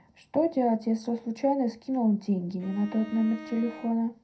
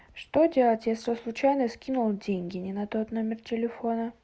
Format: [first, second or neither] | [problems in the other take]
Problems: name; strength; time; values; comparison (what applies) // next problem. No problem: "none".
second | background sound (Bowed string instrument); 16 dB below the speech // room echo; dies away in 0.2 s